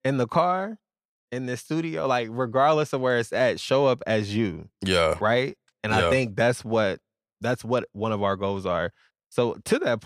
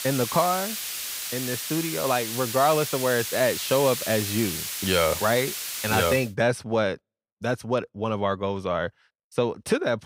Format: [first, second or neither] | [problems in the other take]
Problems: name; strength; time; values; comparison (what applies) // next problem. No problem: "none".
first | hiss; loud; until 6 s; 4 dB below the speech